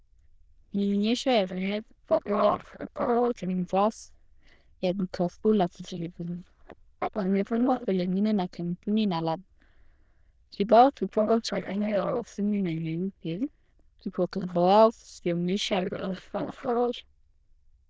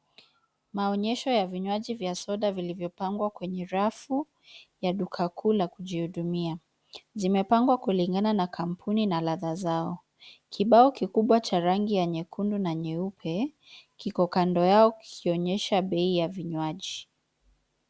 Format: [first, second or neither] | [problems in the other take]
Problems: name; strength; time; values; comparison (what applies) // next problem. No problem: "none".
second | noise reduction (neural diffusion model UNIVERSE++)